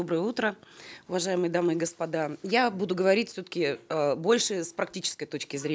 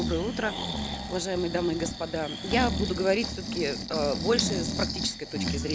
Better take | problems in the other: first | background sound (Breathing); 2 dB below the speech

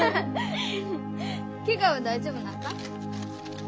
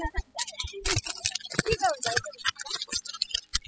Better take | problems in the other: first | noise reduction (classical method spectral subtraction)

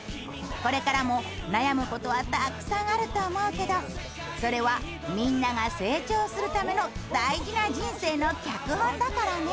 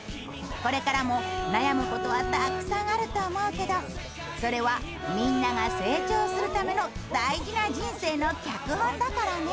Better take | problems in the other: first | background sound (Bowed string instrument); 4 dB below the speech

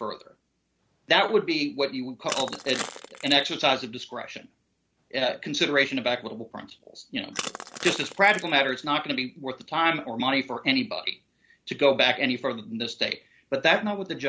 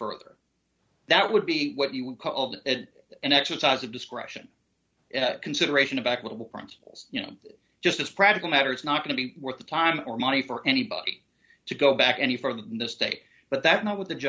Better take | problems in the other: second | background sound (Crushing); 11 dB below the speech

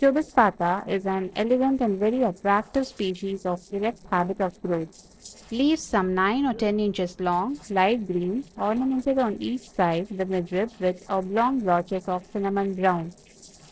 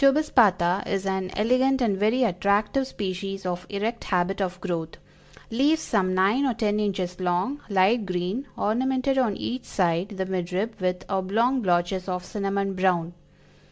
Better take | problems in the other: second | noise reduction (neural separator model SepFormer DNS4)

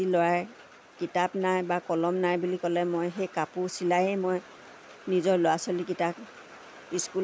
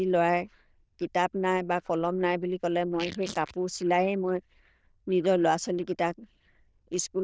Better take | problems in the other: first | noise reduction (neural diffusion model UNIVERSE++)

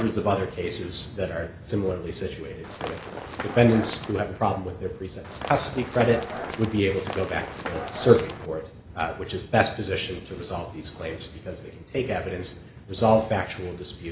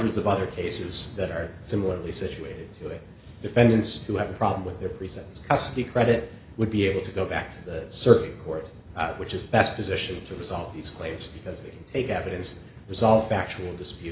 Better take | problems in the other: second | background sound (Run); 9 dB below the speech

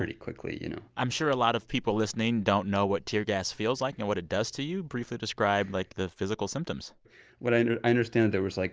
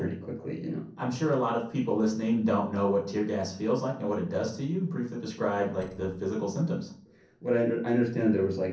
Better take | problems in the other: first | noise reduction (neural separator model SepFormer DNS4)

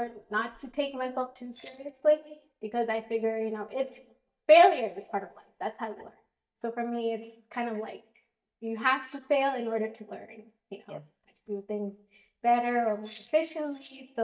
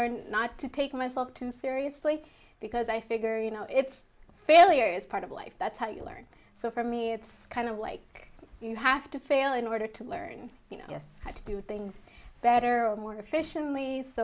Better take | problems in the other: second | noise reduction (neural mask model DeepFilterNet 3)

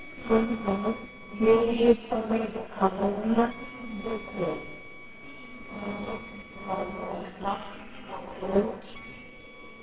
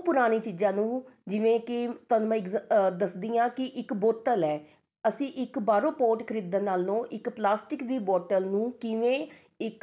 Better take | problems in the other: second | noise reduction (neural separator model SepFormer WHAMR!)

